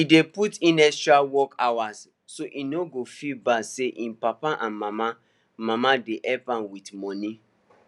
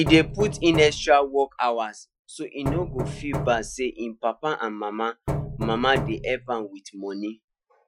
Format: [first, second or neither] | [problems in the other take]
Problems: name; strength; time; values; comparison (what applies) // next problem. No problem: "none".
first | noise reduction (classical method Wiener filter)